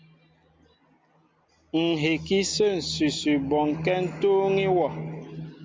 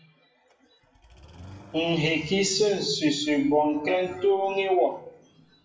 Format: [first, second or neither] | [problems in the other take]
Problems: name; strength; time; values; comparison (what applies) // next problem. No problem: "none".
first | noise reduction (classical method WPE with log-MMSE)